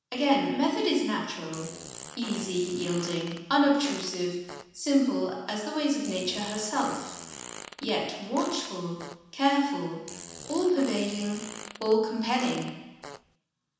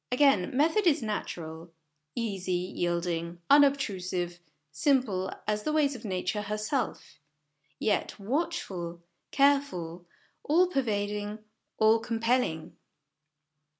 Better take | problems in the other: second | background sound (Fart); 14 dB below the speech // room echo; dies away in 1.1 s

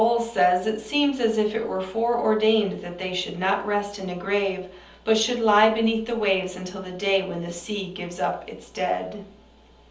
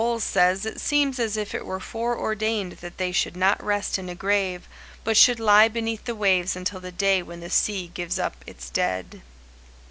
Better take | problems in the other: second | room echo; dies away in 0.7 s

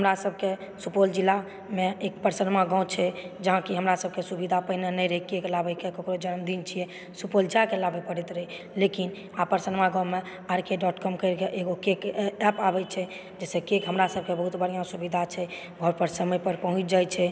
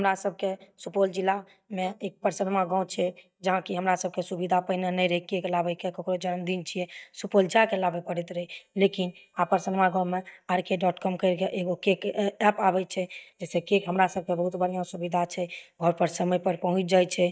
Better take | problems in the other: first | noise reduction (neural mask model DeepFilterNet 3)

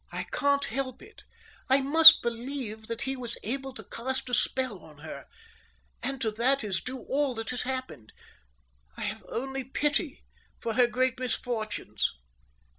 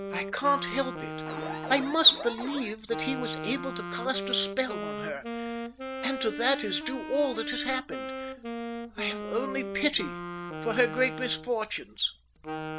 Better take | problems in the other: first | background sound (Wind instrument, woodwind instrument + Alarm); 7 dB below the speech

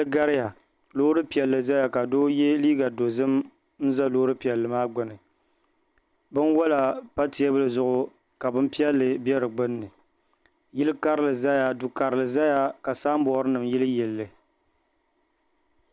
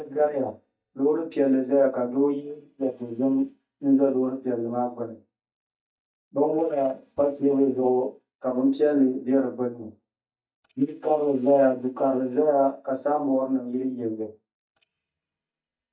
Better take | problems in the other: first | noise reduction (neural mask model DeepFilterNet 3)

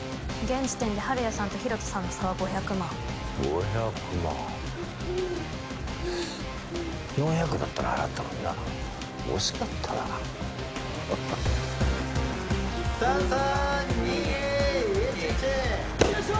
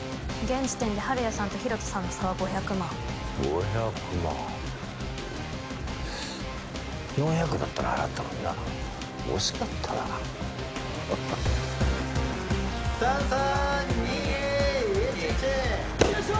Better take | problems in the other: second | background sound (Bird); 10 dB below the speech

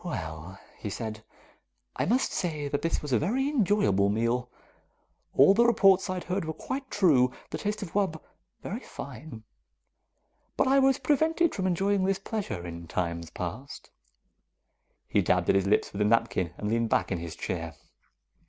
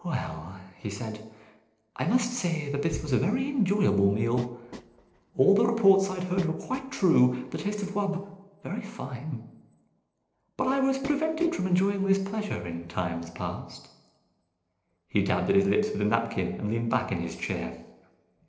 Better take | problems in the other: first | noise reduction (neural separator model SepFormer DNS4)

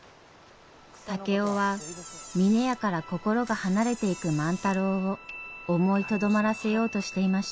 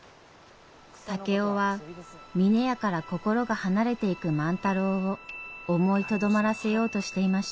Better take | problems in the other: second | background sound (Door); 19 dB below the speech

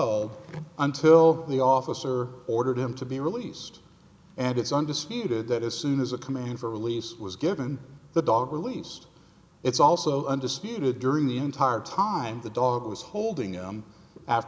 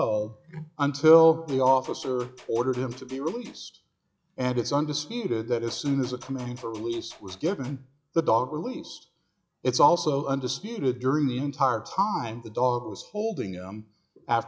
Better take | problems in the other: first | noise reduction (classical method log-MMSE)

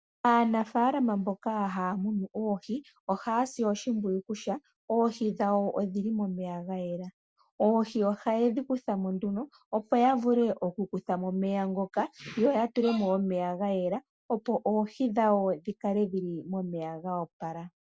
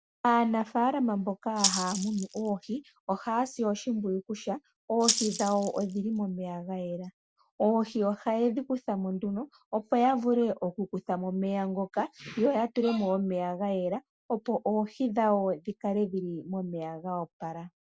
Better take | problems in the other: first | background sound (Rattle (instrument)); 4 dB below the speech

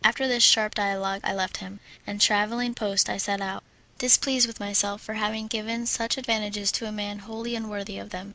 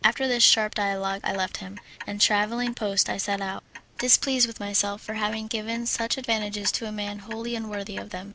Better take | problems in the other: first | background sound (Clock); 18 dB below the speech

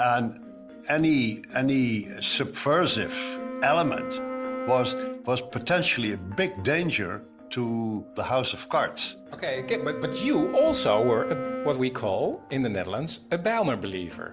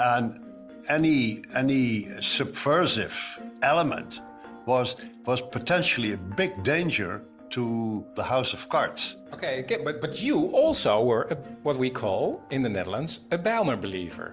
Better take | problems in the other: second | background sound (Wind instrument, woodwind instrument); 7 dB below the speech

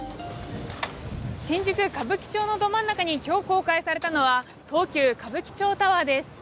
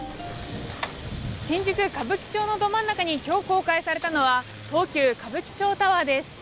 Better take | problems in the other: first | background sound (Wood + Water tap, faucet); 19 dB below the speech

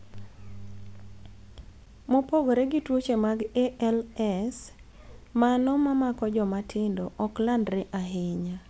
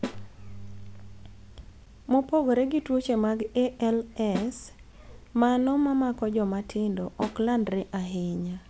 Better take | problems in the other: first | background sound (Snare drum); 14 dB below the speech

